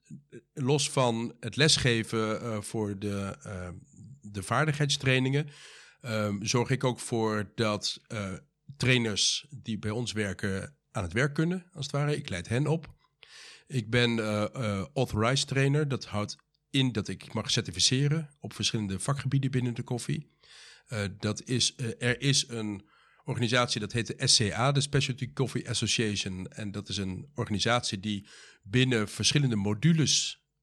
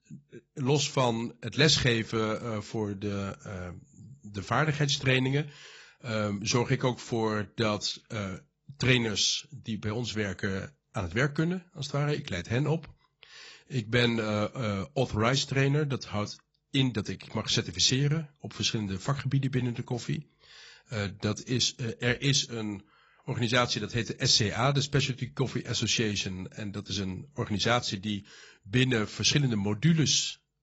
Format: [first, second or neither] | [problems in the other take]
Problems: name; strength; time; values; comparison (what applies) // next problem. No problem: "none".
first | garbled, watery; badly; nothing above 7.5 kHz